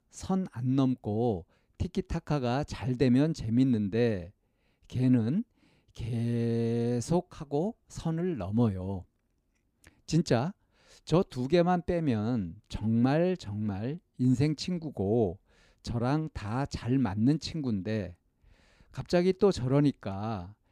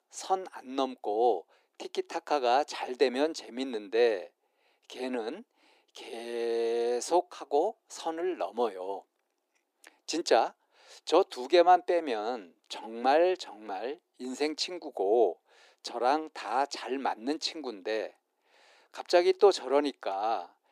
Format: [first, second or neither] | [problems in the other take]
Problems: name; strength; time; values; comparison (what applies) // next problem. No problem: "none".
first | thin; very; fading below 350 Hz